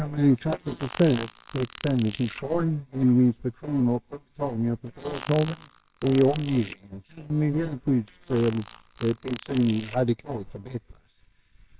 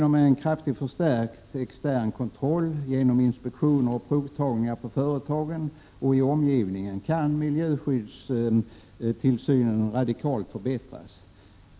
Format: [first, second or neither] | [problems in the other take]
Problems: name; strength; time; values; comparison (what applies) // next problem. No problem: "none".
second | noise reduction (neural separator model SepFormer WHAMR!)